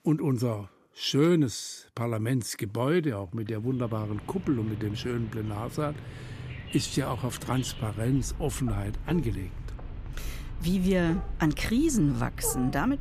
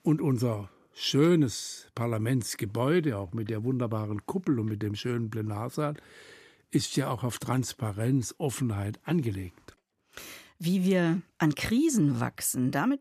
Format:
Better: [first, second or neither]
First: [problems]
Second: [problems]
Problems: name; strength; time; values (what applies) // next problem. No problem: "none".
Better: second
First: animal sounds; noticeable; from 3.5 s on; 10 dB below the speech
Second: none